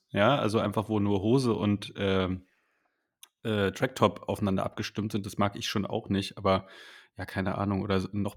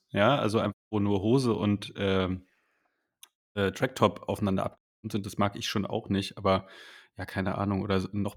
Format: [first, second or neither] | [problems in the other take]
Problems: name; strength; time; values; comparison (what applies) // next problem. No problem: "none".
first | audio cutting out; at 0.5 s, at 3.5 s and at 5 s